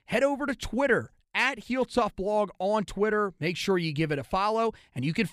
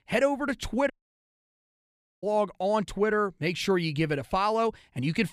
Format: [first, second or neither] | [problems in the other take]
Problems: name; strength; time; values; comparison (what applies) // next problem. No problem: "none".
first | audio cutting out; at 1 s for 1.5 s